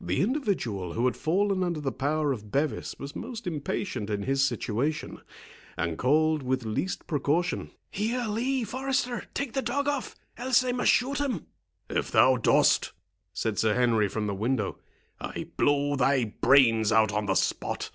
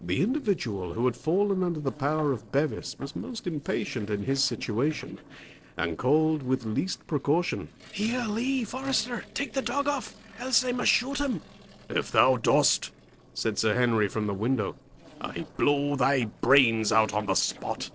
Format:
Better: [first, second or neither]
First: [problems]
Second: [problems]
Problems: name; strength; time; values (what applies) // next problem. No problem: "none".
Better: first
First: none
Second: noise reduction (neural separator model SepFormer DNS4)